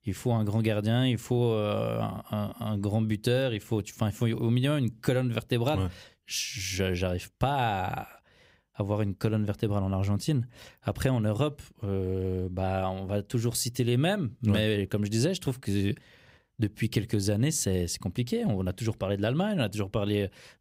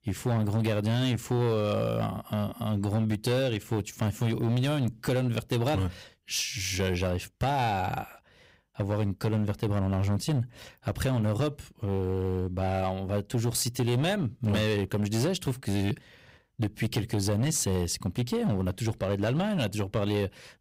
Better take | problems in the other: first | distortion; slight; 11% of the sound clipped

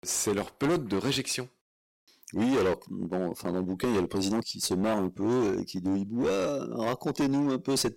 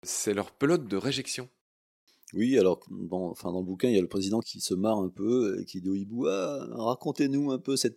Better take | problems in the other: second | distortion; heavy; 16% of the sound clipped

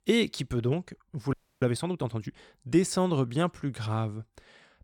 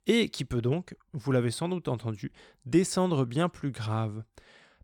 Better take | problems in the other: second | audio freezing; at 1.5 s

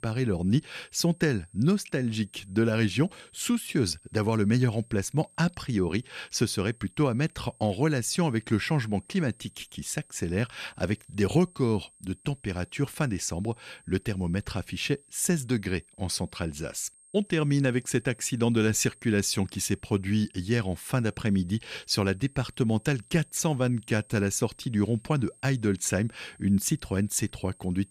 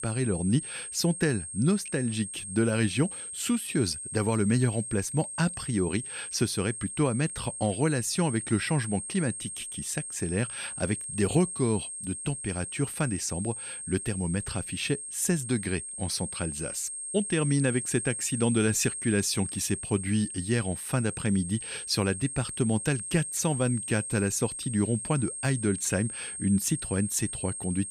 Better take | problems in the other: first | high-pitched whine; loud; throughout; 8.5 kHz, 6 dB below the speech; faint in the first

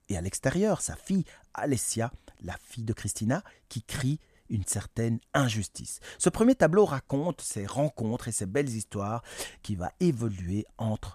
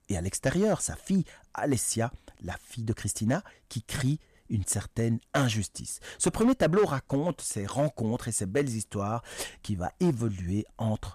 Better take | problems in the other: first | distortion; slight; 2% of the sound clipped

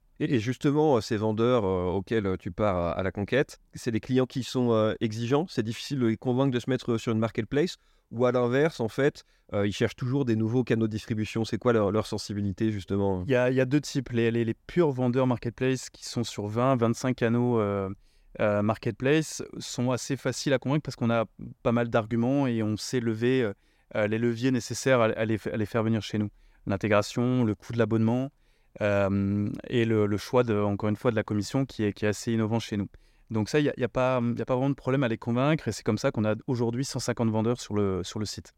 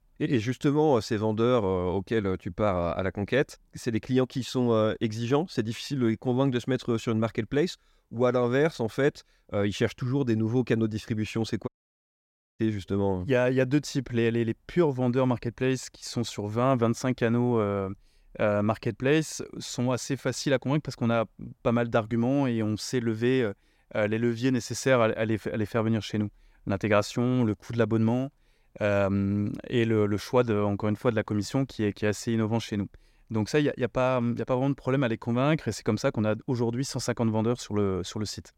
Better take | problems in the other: first | audio cutting out; at 12 s for 1 s

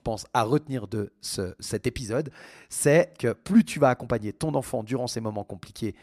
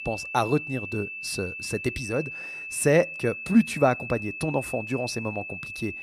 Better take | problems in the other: first | high-pitched whine; loud; throughout; 2.5 kHz, 8 dB below the speech

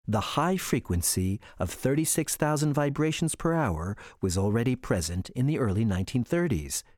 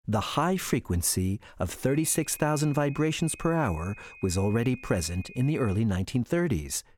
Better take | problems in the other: first | high-pitched whine; noticeable; from 2 to 6 s; 2.5 kHz, 20 dB below the speech

